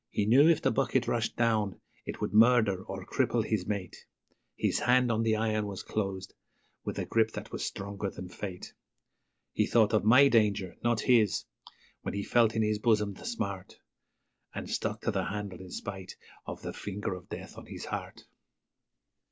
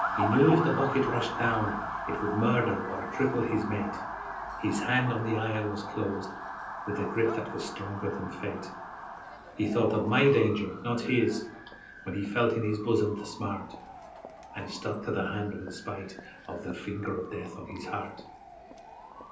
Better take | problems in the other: first | background sound (Motor vehicle (road) / Siren); 8 dB below the speech // room echo; dies away in 0.6 s

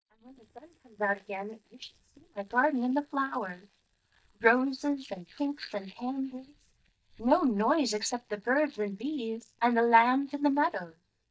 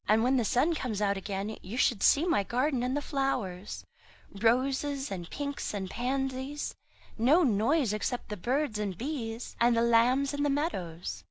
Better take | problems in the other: second | noise reduction (neural mask model DeepFilterNet 3)

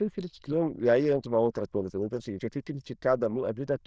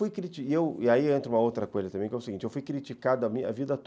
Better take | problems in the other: second | noise reduction (neural diffusion model UNIVERSE++)

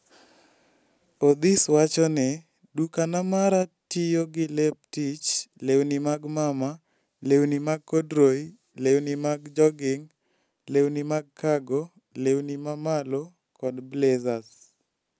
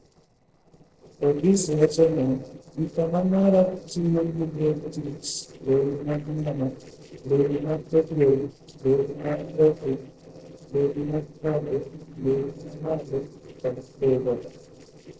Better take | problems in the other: first | noise reduction (neural separator model SepFormer DNS4)

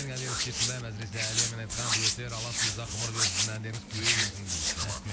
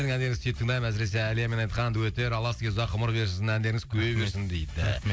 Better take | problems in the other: second | background sound (Hands); 5 dB above the speech

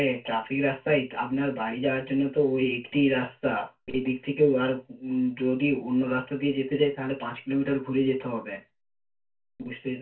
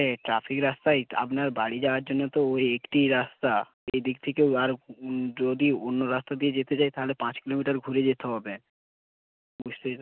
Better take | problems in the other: second | room echo; dies away in 0.2 s

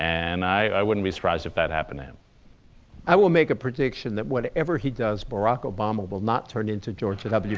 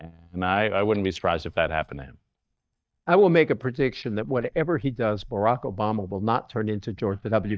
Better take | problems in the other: first | noise reduction (neural mask model DeepFilterNet 3)

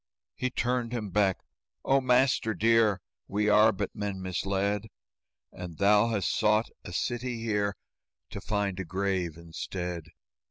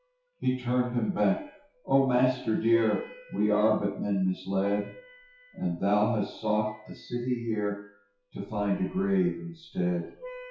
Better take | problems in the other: first | noise reduction (classical method WPE with log-MMSE)

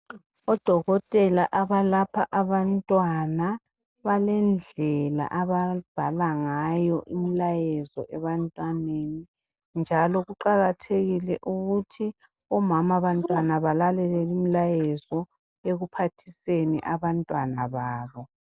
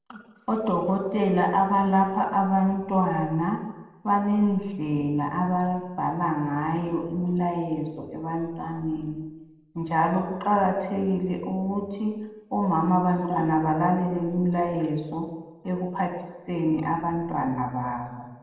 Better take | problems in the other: first | room echo; dies away in 1 s

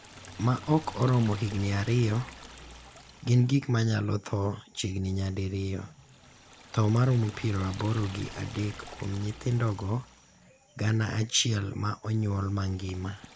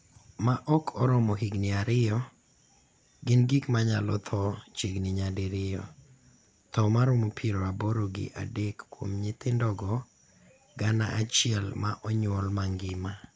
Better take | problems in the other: second | background sound (Liquid); 19 dB below the speech

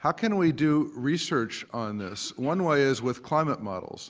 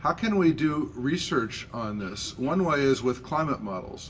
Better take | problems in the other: first | background sound (Mechanisms); 19 dB below the speech // room echo; dies away in 0.2 s

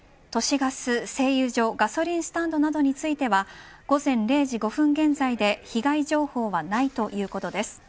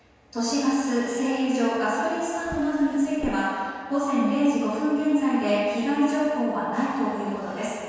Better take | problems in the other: first | background sound (Drawer open or close); 13 dB below the speech // room echo; dies away in 1.9 s

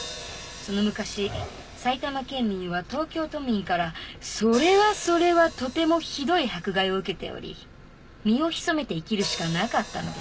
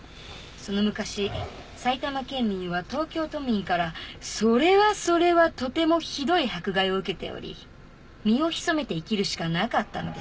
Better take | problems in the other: second | background sound (Hi-hat); 17 dB below the speech

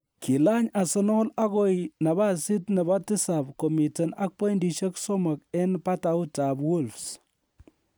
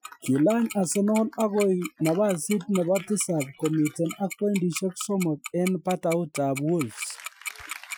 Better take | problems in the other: first | noise reduction (classical method Wiener filter)

